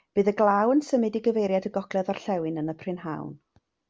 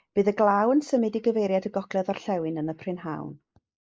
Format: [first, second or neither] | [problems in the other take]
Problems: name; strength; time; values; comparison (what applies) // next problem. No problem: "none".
first | noise reduction (neural mask model Resemble Enhance denoiser)